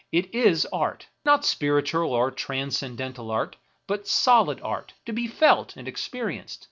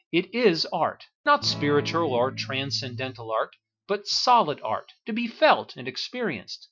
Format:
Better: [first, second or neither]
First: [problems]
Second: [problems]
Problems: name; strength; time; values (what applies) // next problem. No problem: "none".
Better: first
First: none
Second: noise reduction (classical method Wiener filter)